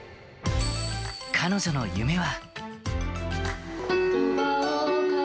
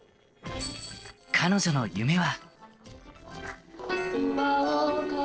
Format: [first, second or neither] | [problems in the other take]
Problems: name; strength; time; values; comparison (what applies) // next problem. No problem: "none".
first | noise reduction (neural separator model SepFormer DNS4)